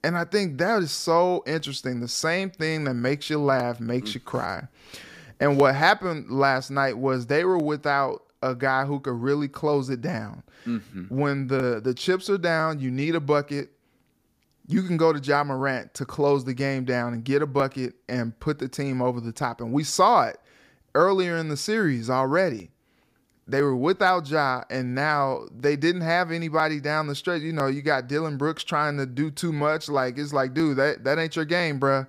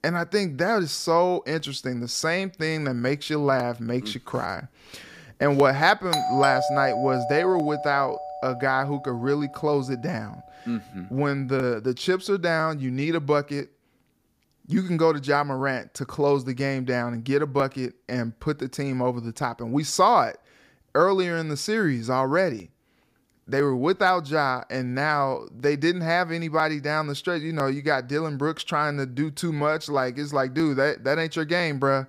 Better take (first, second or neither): first